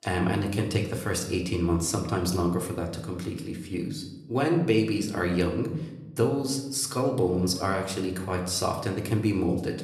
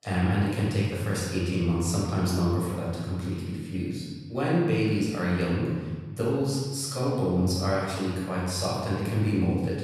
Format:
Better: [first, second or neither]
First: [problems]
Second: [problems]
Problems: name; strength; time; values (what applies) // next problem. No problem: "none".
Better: first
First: room echo; slight; dies away in 0.7 s // off-mic speech; somewhat distant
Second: room echo; strong; dies away in 1.4 s // off-mic speech; far